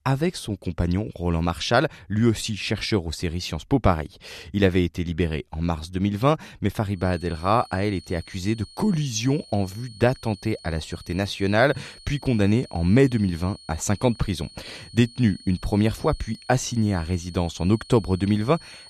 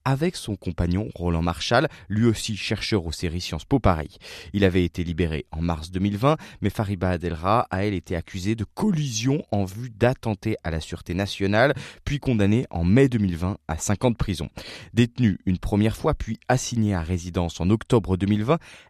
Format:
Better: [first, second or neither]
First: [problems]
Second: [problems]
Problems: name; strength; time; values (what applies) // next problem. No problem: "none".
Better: second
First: high-pitched whine; faint; from 7 s on; 4.5 kHz, 20 dB below the speech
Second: none